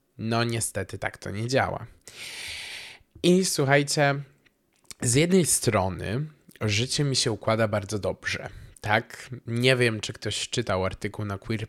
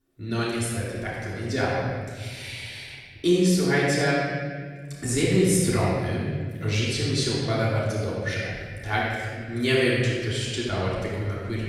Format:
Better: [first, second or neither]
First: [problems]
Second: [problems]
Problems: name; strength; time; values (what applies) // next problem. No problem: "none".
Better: first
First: none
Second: off-mic speech; far // room echo; strong; dies away in 1.9 s